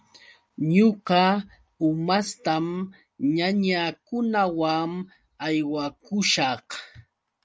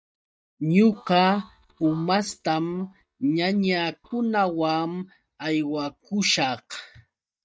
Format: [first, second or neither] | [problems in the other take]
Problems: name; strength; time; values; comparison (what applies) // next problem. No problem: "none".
first | noise reduction (neural mask model DeepFilterNet 3)